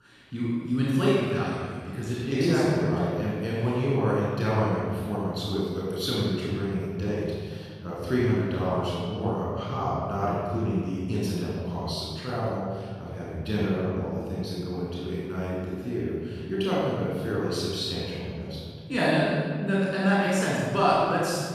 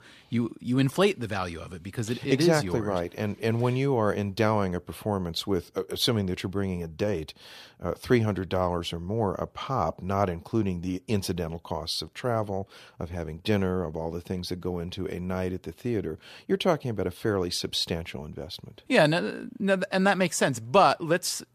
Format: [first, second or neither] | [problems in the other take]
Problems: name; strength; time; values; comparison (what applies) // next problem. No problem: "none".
second | off-mic speech; far // room echo; strong; dies away in 1.9 s